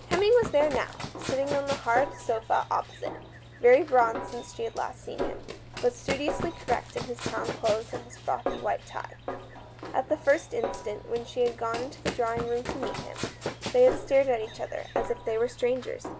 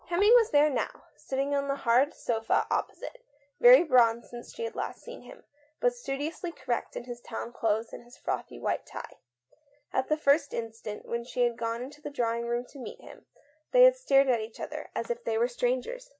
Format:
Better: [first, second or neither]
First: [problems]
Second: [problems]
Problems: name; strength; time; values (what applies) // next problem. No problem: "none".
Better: second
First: background sound (Run + Snare drum); 8 dB below the speech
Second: none